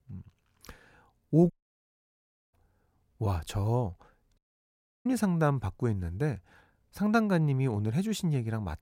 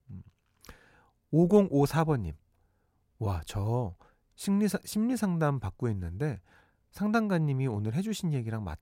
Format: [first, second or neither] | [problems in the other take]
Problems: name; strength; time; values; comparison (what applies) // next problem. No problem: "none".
second | audio cutting out; at 1.5 s for 1 s and at 4.5 s for 0.5 s